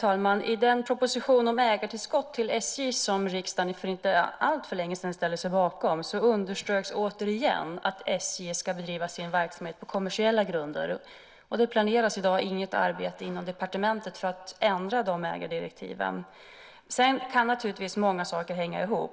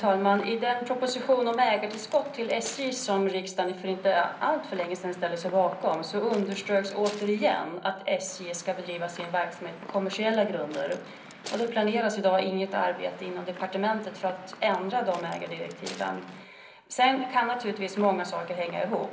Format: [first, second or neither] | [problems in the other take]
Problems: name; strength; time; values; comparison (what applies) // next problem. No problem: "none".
first | background sound (Waves, surf / Wind); 18 dB below the speech // room echo; dies away in 0.5 s